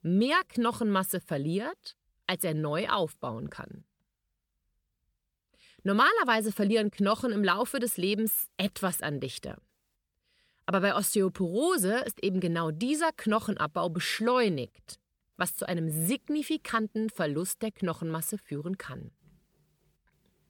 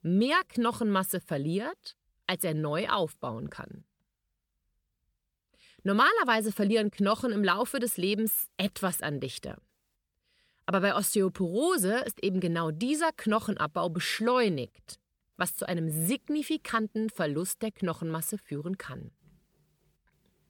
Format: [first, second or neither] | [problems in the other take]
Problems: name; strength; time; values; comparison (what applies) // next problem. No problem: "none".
neither | none